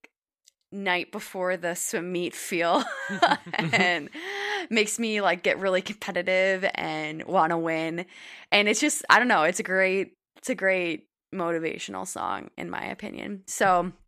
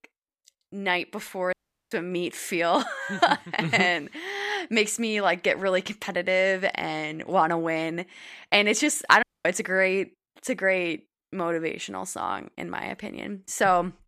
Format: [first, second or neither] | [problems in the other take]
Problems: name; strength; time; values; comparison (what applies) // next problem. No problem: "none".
first | audio cutting out; at 1.5 s and at 9 s